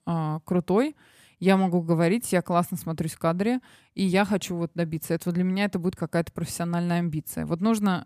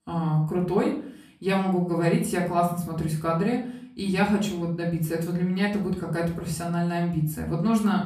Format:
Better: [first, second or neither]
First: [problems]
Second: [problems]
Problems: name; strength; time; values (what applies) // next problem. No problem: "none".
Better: first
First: none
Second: off-mic speech; far // room echo; slight; dies away in 0.4 s